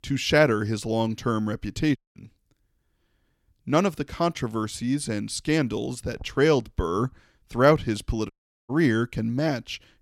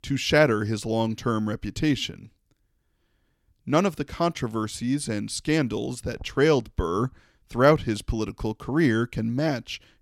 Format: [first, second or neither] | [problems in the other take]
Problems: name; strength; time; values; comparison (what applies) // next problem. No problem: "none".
second | audio cutting out; at 2 s and at 8.5 s